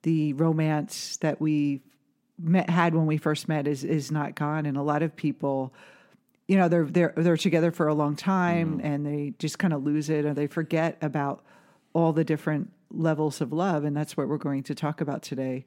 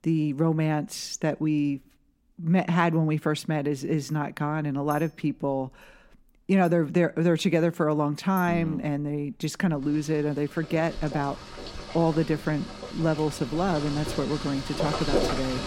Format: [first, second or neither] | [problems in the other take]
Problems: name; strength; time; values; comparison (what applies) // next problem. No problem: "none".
first | household noises; loud; throughout; 8 dB below the speech